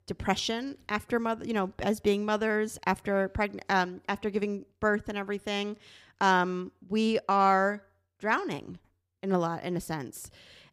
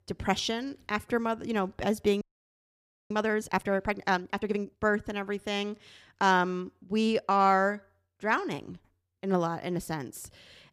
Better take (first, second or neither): first